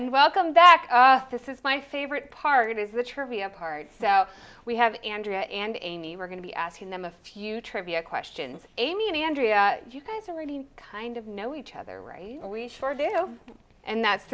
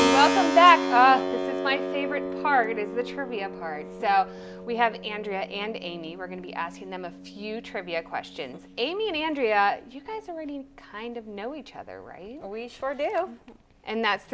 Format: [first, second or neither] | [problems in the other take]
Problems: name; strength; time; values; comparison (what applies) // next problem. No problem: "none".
first | background sound (Keyboard (musical)); 6 dB below the speech